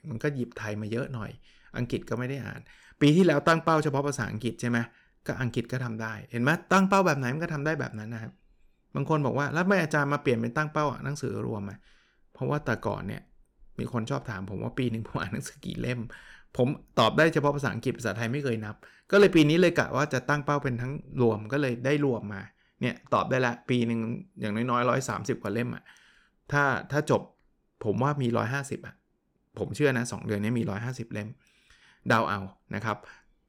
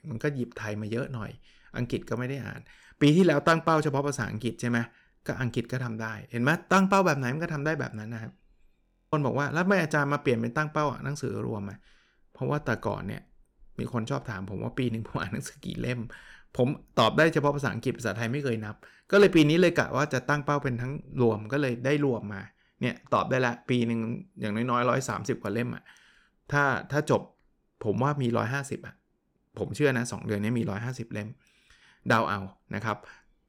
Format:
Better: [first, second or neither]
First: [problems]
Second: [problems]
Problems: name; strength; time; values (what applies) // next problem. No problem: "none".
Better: first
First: none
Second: audio freezing; at 9 s